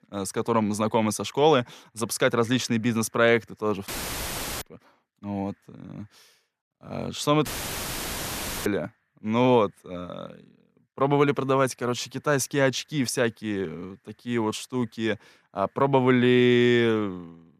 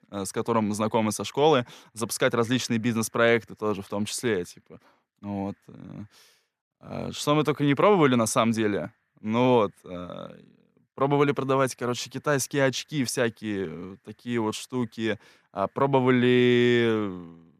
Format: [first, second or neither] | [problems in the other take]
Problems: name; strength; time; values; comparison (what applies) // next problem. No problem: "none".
second | audio cutting out; filled with static; at 4 s for 0.5 s and at 7.5 s for 1 s